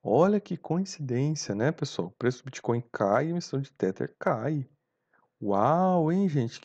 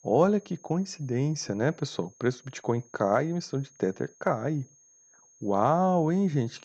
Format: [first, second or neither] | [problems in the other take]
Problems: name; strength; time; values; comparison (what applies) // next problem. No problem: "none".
first | high-pitched whine; faint; throughout; 6.5 kHz, 30 dB below the speech